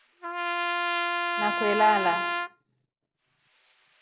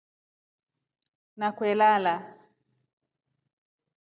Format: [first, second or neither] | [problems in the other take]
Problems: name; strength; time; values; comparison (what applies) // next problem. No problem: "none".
second | background sound (Trumpet); as loud as the speech